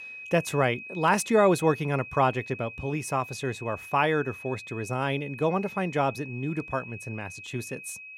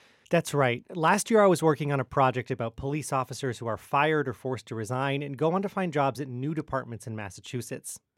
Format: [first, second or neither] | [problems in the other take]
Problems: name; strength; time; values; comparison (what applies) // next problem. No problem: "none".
second | high-pitched whine; noticeable; throughout; 2.5 kHz, 15 dB below the speech